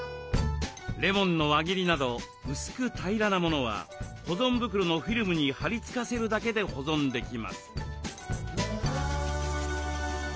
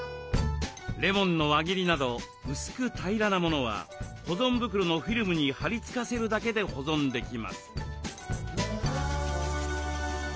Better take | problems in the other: first | background sound (Brass instrument); 16 dB below the speech

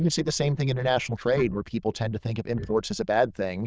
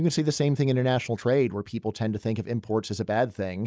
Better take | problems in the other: second | noise reduction (neural diffusion model UNIVERSE++)

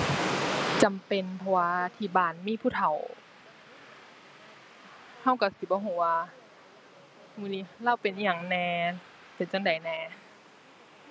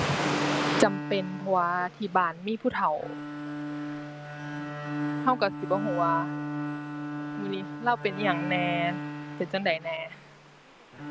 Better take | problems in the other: first | background sound (Bowed string instrument); 5 dB below the speech

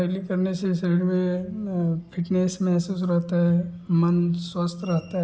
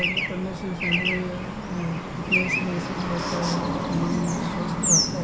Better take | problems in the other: first | background sound (Traffic noise, roadway noise / Bird); 3 dB above the speech

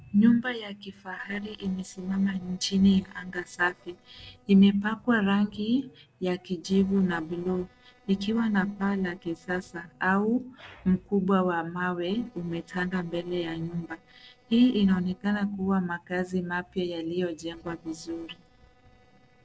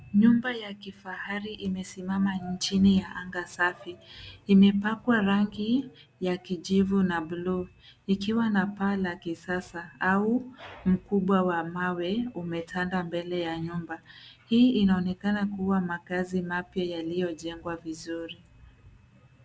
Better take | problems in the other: second | noise reduction (neural separator model SepFormer DNS4)

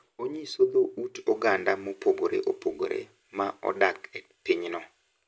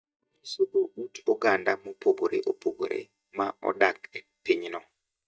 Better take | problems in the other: first | noise reduction (neural mask model DeepFilterNet 3)

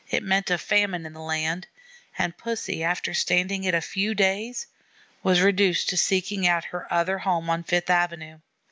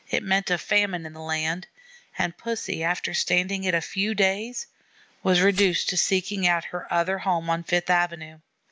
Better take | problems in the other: first | background sound (Glass); 17 dB below the speech

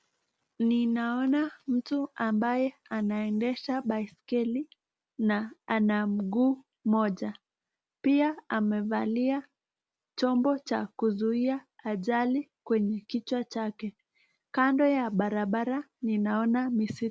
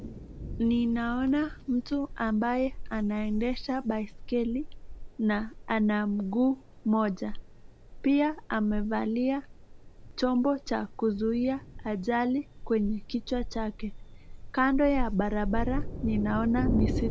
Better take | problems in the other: first | background sound (Thunder); 7 dB below the speech

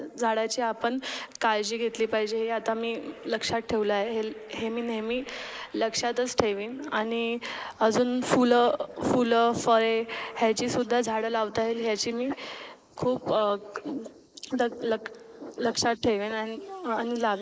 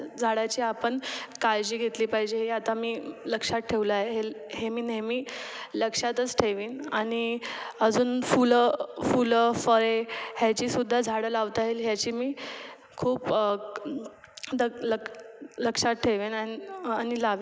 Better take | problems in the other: second | noise reduction (neural mask model Resemble Enhance denoiser)

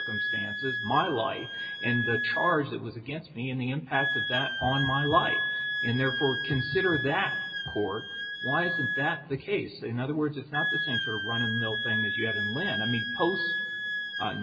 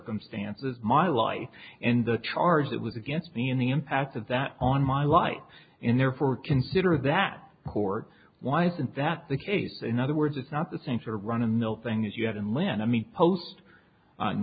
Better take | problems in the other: second | background sound (Wind instrument, woodwind instrument); 1 dB below the speech // room echo; dies away in 1.4 s

